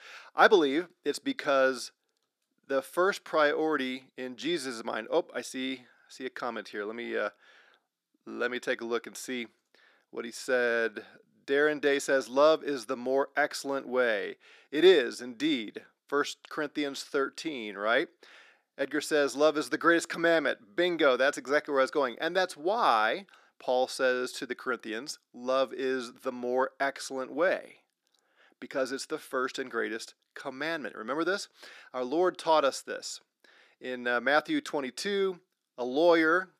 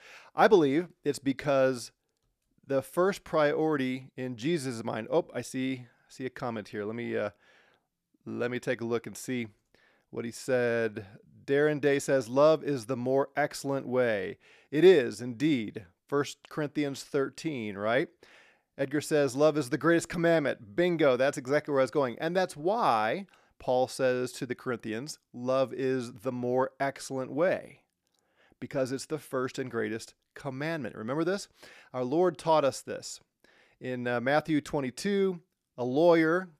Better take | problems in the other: second | thin; very slightly; fading below 250 Hz

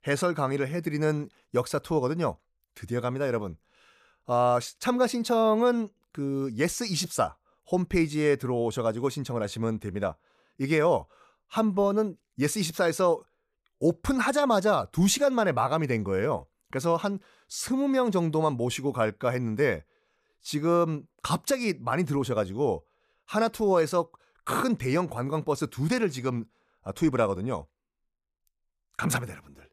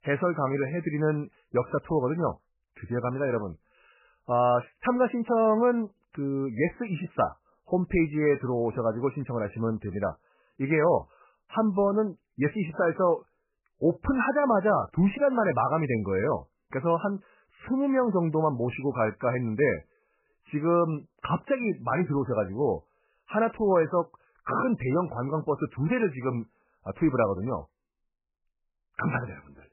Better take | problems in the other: first | garbled, watery; badly; nothing above 3 kHz

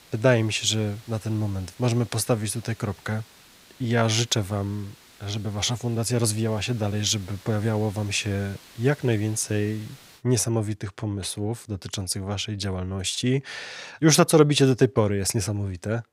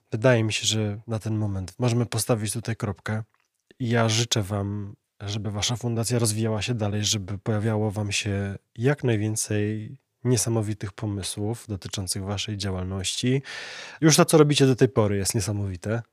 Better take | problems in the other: second | hiss; faint; until 10 s; 25 dB below the speech

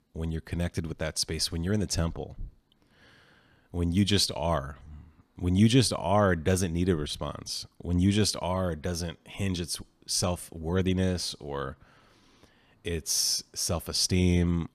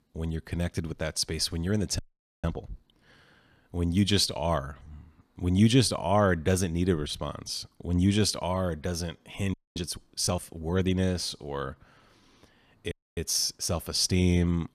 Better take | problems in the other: first | audio freezing; at 2 s, at 9.5 s and at 13 s

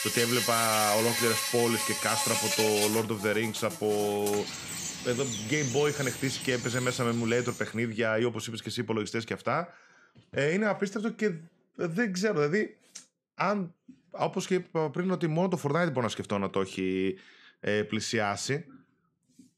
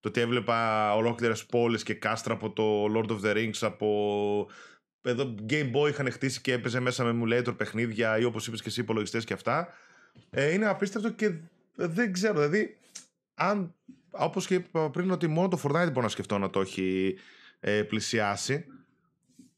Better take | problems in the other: second | animal sounds; loud; until 7.5 s; 2 dB below the speech

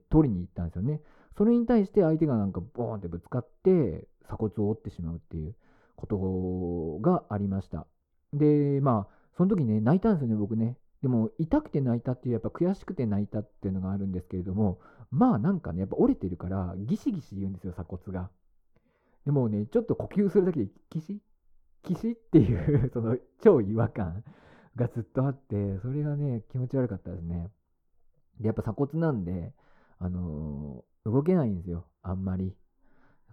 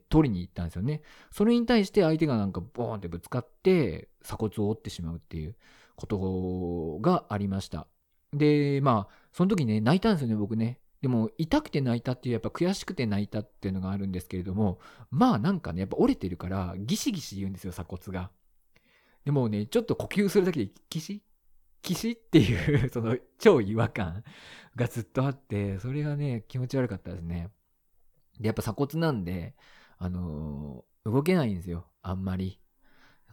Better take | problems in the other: second | muffled; very; fading above 1.5 kHz

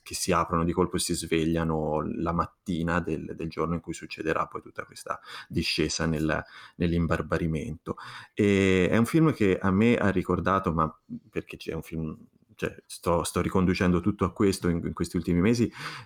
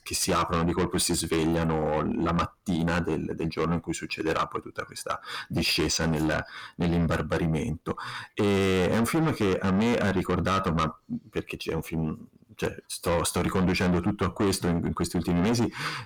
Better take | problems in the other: first | distortion; heavy; 5 dB below the speech

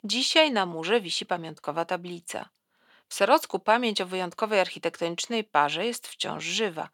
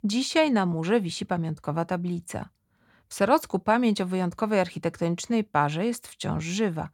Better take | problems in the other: second | thin; somewhat; fading below 400 Hz

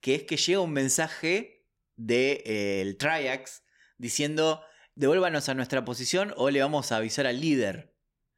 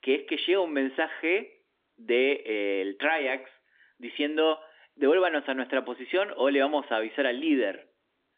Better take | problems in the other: first | phone-call audio; nothing above 3 kHz

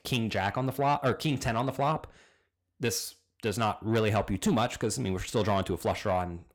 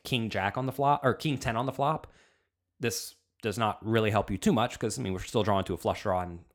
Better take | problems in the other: second | distortion; slight; 10 dB below the speech

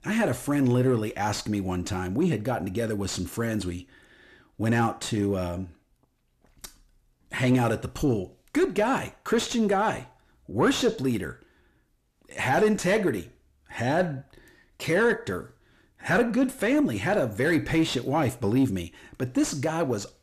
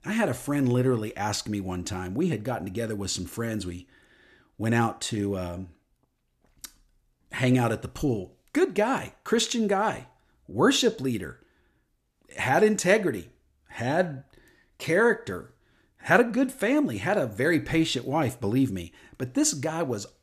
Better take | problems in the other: second | distortion; slight; 10 dB below the speech

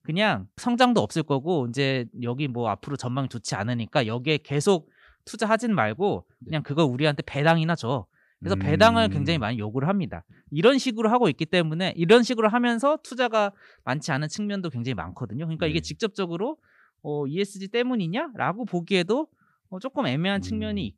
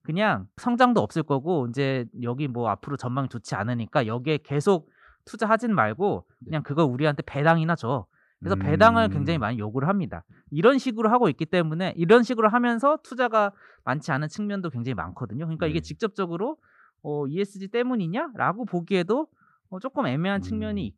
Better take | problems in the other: first | muffled; slightly; fading above 2 kHz

